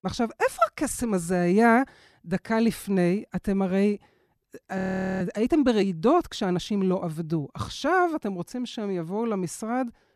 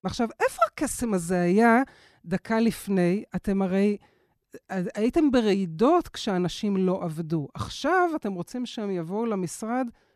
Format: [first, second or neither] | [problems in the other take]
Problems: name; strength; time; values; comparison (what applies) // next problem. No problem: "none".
second | audio freezing; at 5 s